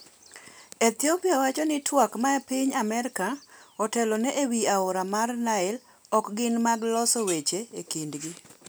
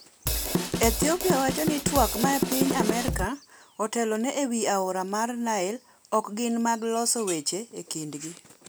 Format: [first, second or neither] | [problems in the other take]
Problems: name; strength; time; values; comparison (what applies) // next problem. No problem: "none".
first | background sound (Drum kit); as loud as the speech